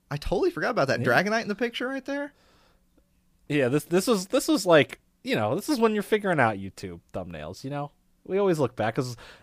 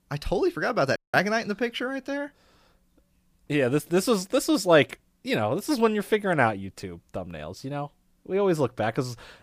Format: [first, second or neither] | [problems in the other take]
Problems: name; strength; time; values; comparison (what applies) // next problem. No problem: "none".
first | audio cutting out; at 1 s